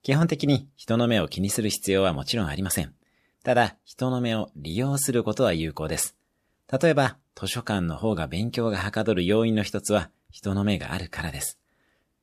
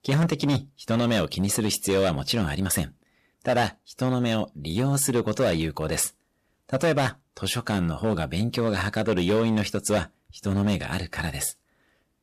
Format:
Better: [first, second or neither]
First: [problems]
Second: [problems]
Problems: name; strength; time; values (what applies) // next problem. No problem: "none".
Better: first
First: none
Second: distortion; slight; 8% of the sound clipped